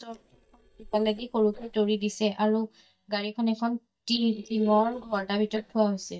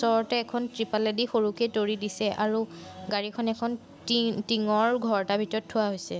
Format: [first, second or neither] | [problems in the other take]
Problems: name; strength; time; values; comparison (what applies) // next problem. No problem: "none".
second | noise reduction (neural mask model DeepFilterNet 3)